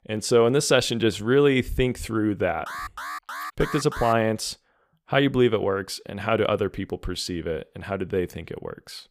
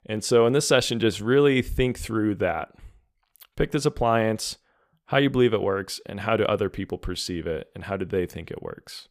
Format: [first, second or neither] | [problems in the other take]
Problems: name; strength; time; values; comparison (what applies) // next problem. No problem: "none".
second | alarm; noticeable; from 2.5 to 4 s; peak 9 dB below the speech